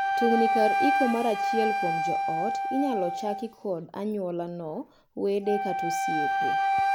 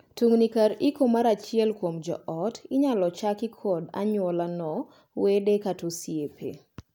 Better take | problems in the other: second | background sound (Wind instrument, woodwind instrument); 2 dB above the speech

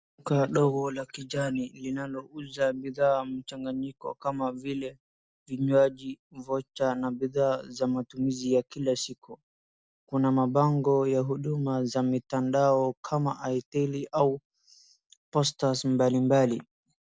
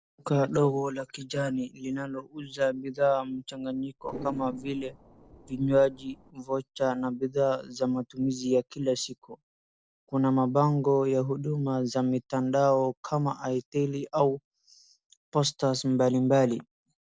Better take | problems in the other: first | noise reduction (neural separator model SepFormer DNS4)

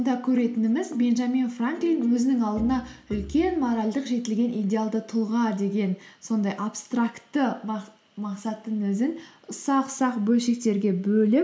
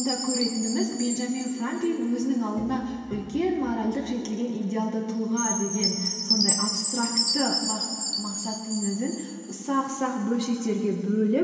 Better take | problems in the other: first | background sound (Chime); 4 dB below the speech // room echo; dies away in 2.7 s

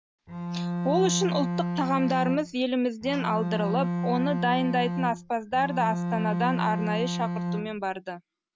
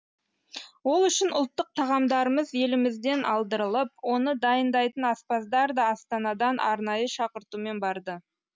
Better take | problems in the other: second | background sound (Bowed string instrument); 2 dB below the speech

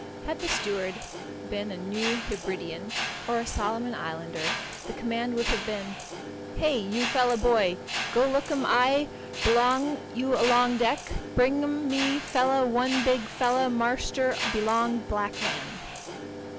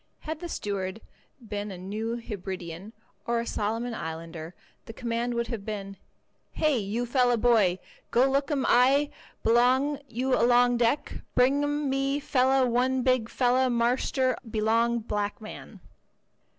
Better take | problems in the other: second | background sound (Mechanisms); 7 dB below the speech

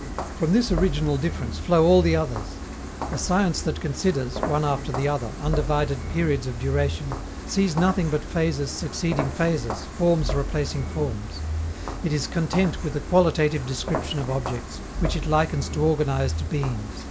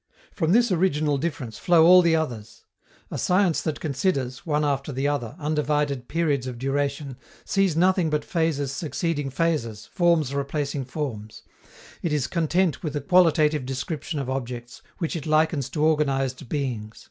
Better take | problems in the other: second | background sound (Walk, footsteps); 6 dB below the speech

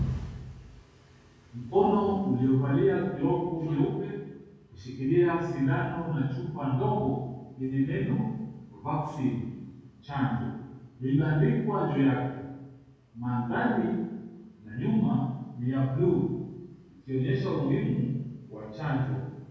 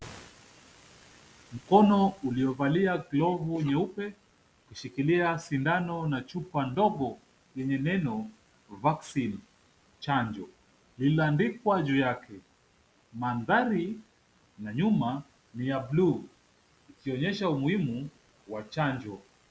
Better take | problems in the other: second | room echo; dies away in 1.3 s

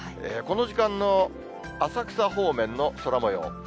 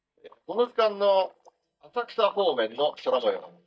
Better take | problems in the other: first | noise reduction (neural mask model DeepFilterNet 3)

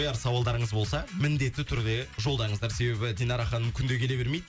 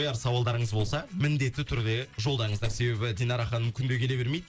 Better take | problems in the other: first | noise reduction (neural separator model SepFormer DNS4)

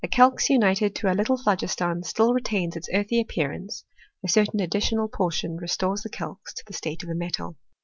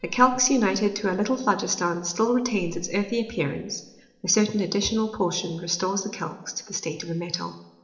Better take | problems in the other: first | noise reduction (neural separator model SepFormer DNS4)

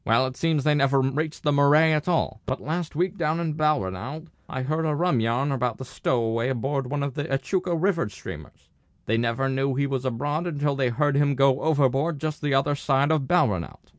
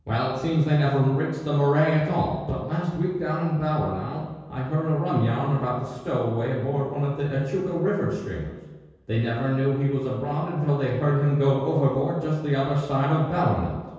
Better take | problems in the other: first | room echo; dies away in 1.2 s

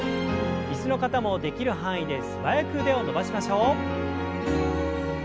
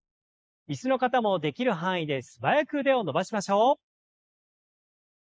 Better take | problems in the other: first | noise reduction (neural mask model Resemble Enhance denoiser)

